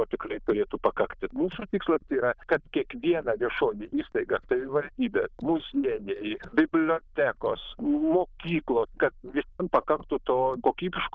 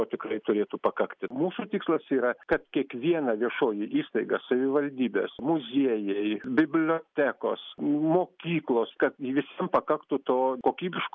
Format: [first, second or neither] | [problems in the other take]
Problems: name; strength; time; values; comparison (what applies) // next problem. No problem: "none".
second | noise reduction (neural diffusion model UNIVERSE++)